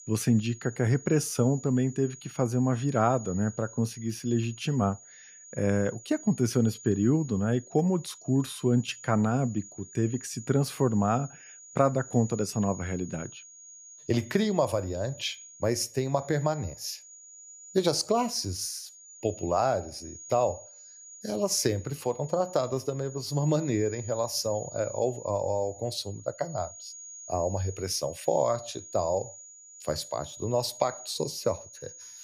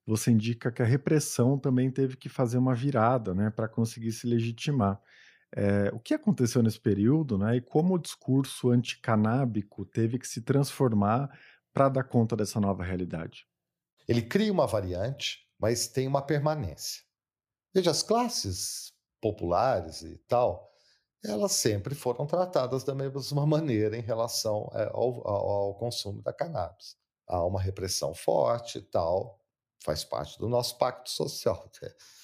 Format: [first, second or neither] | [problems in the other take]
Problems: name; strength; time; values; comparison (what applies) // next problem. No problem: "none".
second | high-pitched whine; noticeable; throughout; 6.5 kHz, 15 dB below the speech